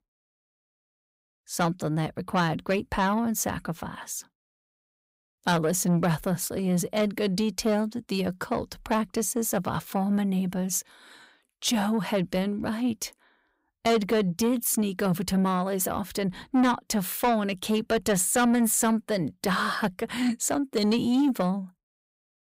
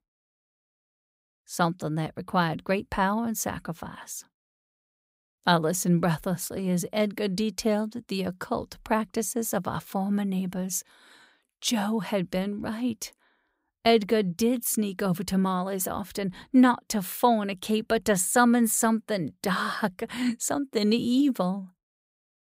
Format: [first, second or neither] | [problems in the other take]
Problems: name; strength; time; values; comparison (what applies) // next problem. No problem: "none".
second | distortion; slight; 10 dB below the speech